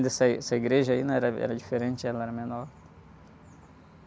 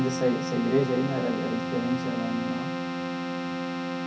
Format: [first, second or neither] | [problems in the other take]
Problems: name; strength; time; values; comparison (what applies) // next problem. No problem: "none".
first | background sound (Keyboard (musical)); 2 dB below the speech // room echo; dies away in 0.3 s